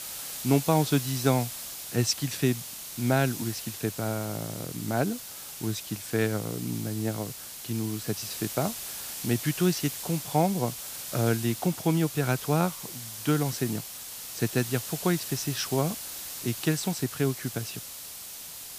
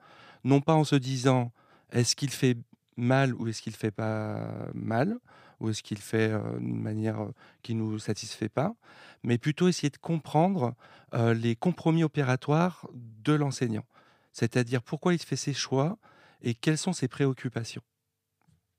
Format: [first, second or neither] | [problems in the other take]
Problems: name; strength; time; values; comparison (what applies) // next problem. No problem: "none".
second | hiss; loud; throughout; 7 dB below the speech